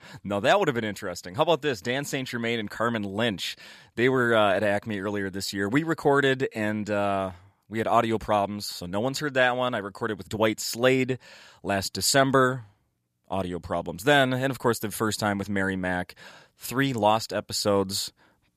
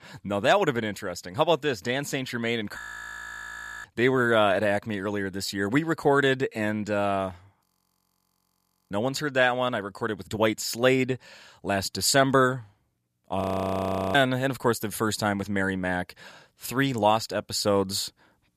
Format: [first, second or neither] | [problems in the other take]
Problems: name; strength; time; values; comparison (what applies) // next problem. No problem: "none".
first | audio freezing; at 3 s for 1 s, at 7.5 s for 1.5 s and at 13 s for 0.5 s